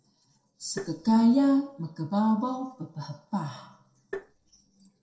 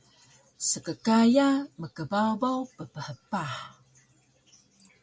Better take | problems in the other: second | noise reduction (neural separator model SepFormer DNS4)

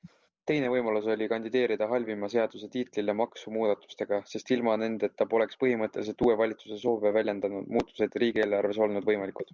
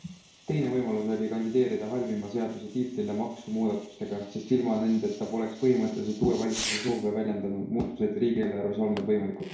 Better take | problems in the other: first | background sound (Fireworks); 16 dB below the speech // room echo; dies away in 0.6 s

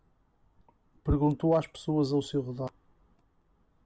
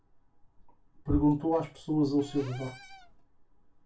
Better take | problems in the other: first | background sound (Cupboard open or close / Door); 19 dB below the speech // room echo; dies away in 0.2 s

